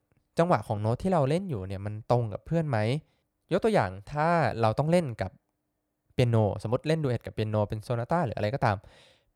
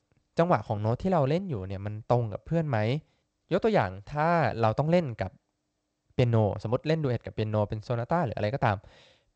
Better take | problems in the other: first | garbled, watery; slightly

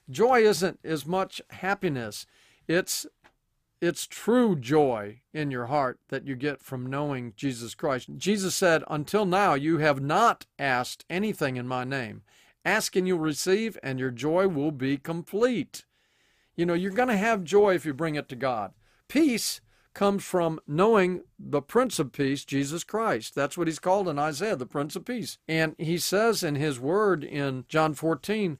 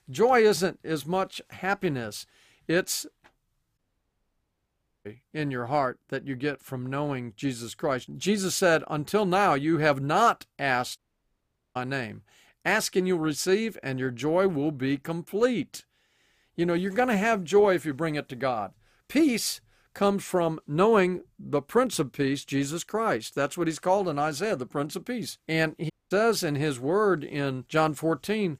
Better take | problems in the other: first | audio cutting out; at 4 s for 1.5 s, at 11 s for 1 s and at 26 s

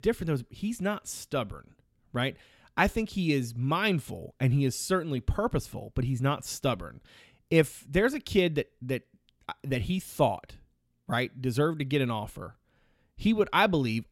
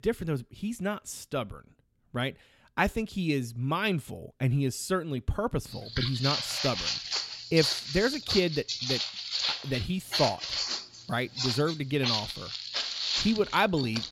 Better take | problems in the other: first | footsteps; loud; from 5.5 s on; peak 3 dB above the speech

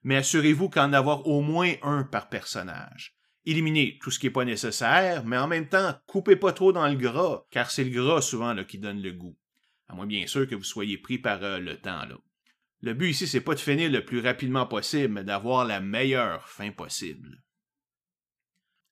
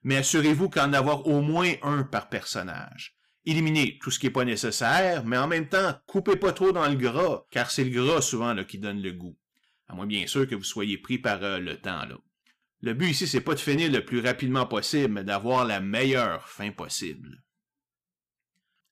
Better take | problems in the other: first | distortion; slight; 4% of the sound clipped

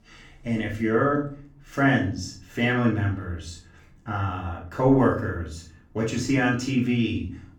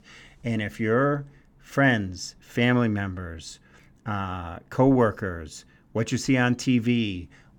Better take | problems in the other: second | off-mic speech; far // room echo; noticeable; dies away in 0.4 s

